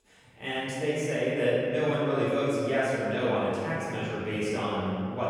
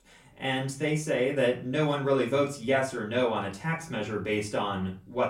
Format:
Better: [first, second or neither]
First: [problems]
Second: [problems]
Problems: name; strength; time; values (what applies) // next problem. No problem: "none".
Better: second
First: room echo; strong; dies away in 2.3 s // off-mic speech; far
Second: room echo; slight; dies away in 0.3 s // off-mic speech; far